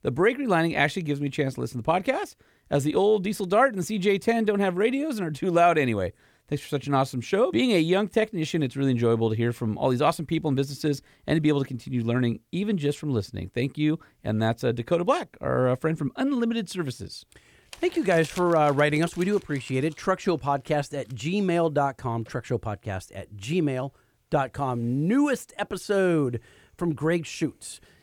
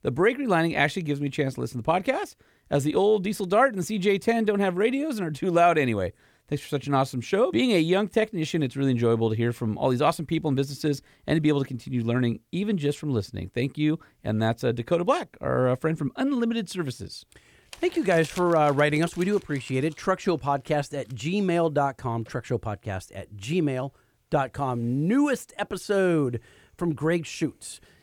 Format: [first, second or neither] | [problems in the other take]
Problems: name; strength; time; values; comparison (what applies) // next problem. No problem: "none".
neither | none